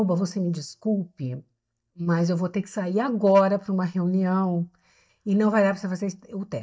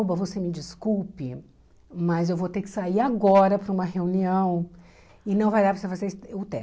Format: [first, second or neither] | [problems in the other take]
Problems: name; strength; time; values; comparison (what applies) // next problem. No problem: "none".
second | noise reduction (neural mask model DeepFilterNet 3)